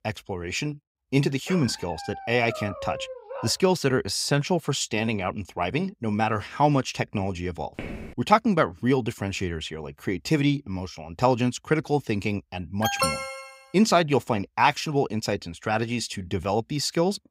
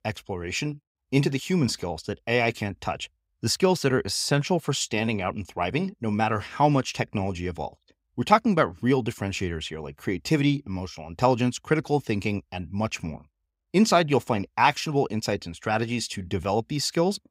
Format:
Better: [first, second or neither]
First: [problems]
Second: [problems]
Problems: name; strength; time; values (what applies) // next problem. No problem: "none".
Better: second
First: dog barking; noticeable; from 1.5 to 3.5 s; peak 9 dB below the speech // footsteps; faint; at 8 s; peak 10 dB below the speech // alarm; loud; at 13 s; peak 1 dB above the speech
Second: none